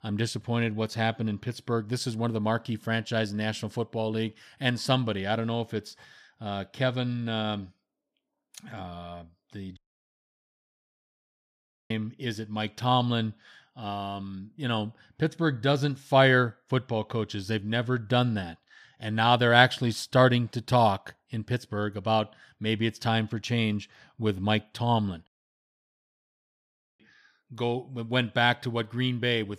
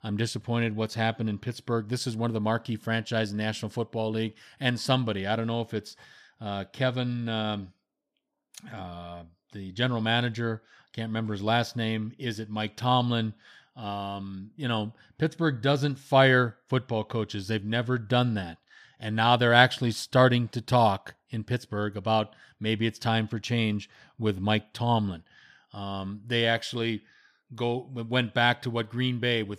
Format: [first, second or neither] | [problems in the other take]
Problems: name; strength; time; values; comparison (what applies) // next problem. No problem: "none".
second | audio cutting out; at 10 s for 2 s and at 25 s for 1.5 s